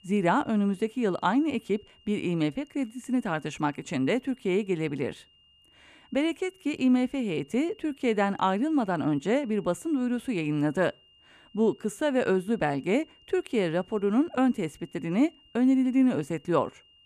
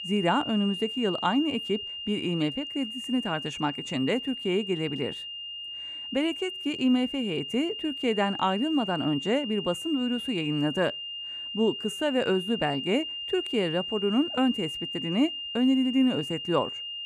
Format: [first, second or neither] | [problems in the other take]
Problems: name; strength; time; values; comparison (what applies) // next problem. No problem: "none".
first | high-pitched whine; loud; throughout; 3 kHz, 6 dB below the speech; faint in the first